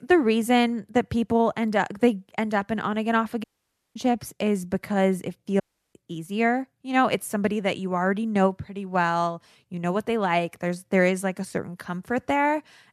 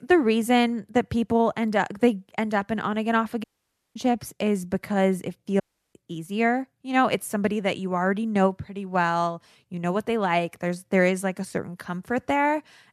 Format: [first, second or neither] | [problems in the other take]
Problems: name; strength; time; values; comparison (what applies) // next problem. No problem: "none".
neither | audio cutting out; at 3.5 s for 0.5 s and at 5.5 s; the same in both